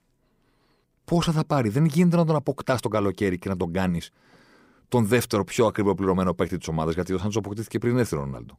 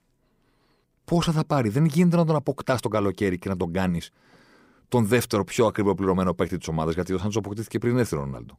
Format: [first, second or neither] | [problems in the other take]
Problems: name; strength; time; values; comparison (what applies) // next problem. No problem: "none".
neither | none